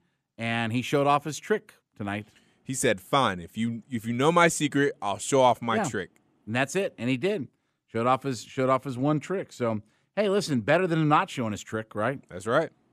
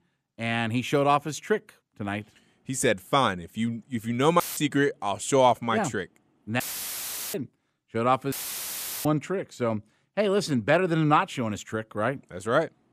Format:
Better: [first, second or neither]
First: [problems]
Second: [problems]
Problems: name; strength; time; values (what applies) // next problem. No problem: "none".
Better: first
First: none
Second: audio cutting out; filled with static; at 4.5 s, at 6.5 s for 0.5 s and at 8.5 s for 0.5 s